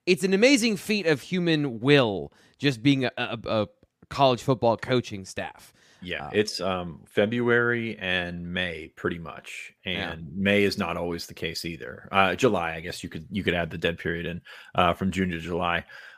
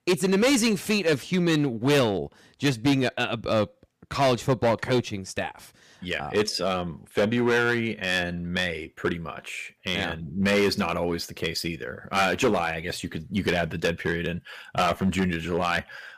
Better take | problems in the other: first | distortion; heavy; 6% of the sound clipped

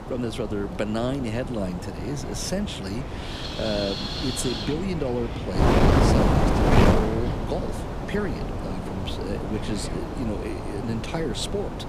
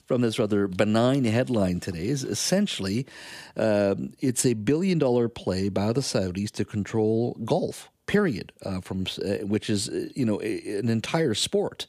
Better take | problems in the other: second | wind noise on the microphone; heavy; 3 dB above the speech

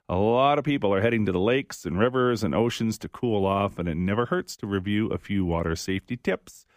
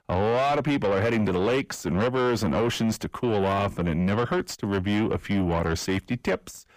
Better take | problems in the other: first | distortion; heavy; 7 dB below the speech

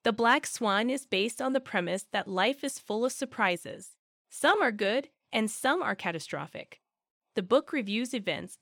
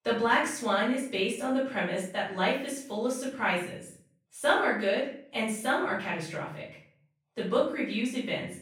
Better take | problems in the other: first | off-mic speech; far // room echo; noticeable; dies away in 0.5 s

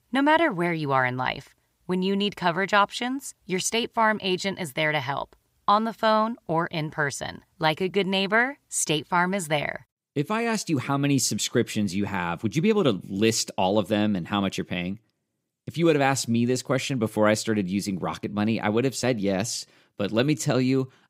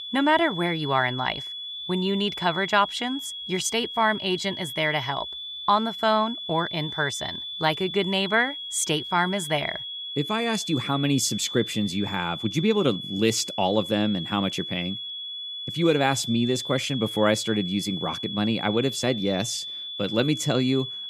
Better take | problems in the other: first | high-pitched whine; loud; throughout; 3.5 kHz, 7 dB below the speech

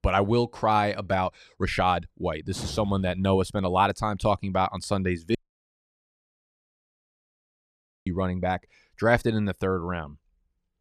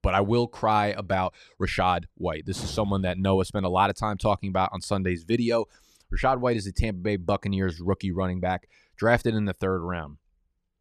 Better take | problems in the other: second | audio cutting out; at 5.5 s for 2.5 s

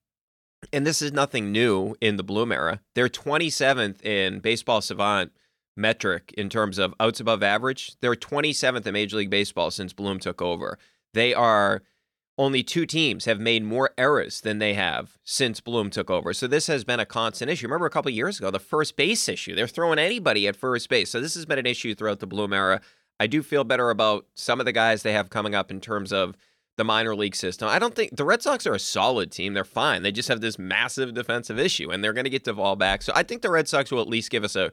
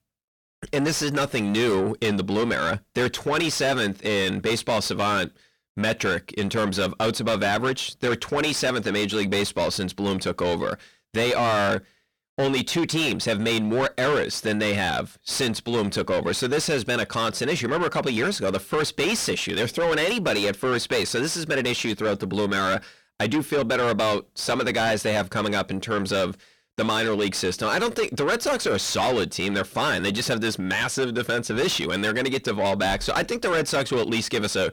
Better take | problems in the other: first | distortion; heavy; 6 dB below the speech

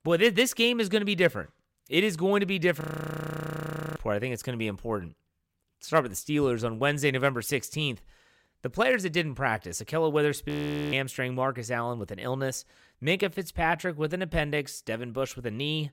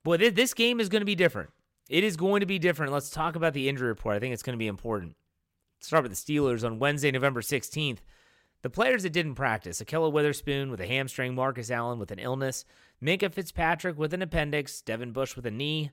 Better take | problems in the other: second | audio freezing; at 3 s for 1 s and at 10 s

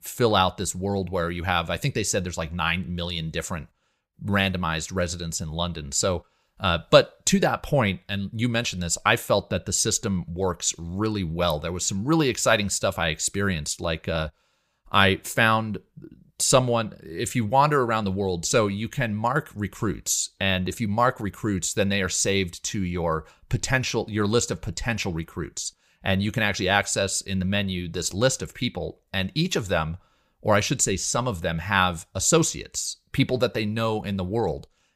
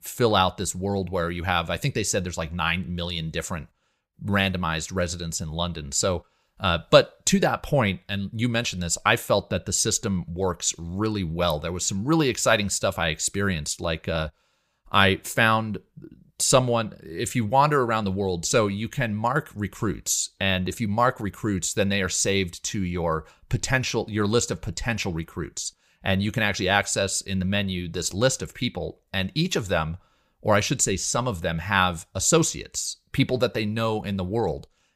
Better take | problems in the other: neither | none

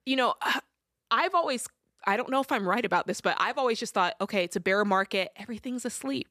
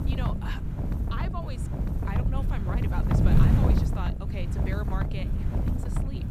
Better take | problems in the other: first | wind noise on the microphone; heavy; 2 dB above the speech

